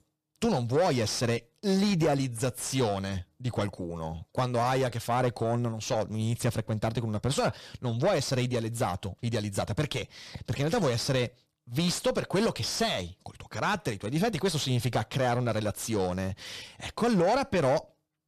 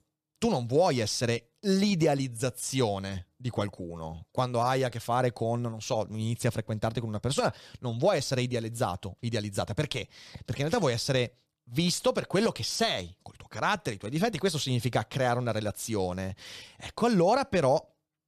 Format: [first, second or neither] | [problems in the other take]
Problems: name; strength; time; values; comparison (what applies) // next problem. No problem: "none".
second | distortion; slight; 10 dB below the speech